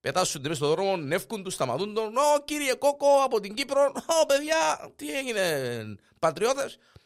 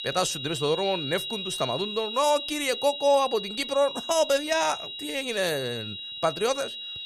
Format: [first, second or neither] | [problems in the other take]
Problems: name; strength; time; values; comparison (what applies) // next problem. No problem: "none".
first | high-pitched whine; loud; throughout; 4 kHz, 7 dB below the speech